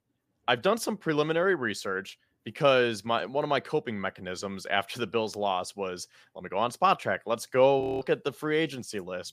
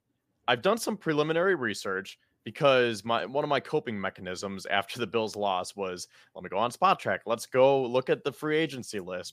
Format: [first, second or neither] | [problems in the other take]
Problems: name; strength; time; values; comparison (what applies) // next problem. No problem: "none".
second | audio freezing; at 8 s